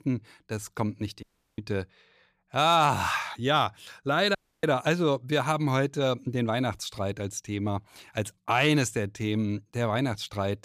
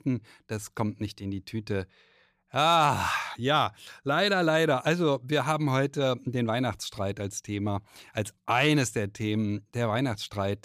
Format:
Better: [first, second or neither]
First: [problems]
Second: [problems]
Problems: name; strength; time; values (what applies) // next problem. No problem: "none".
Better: second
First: audio cutting out; at 1 s and at 4.5 s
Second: none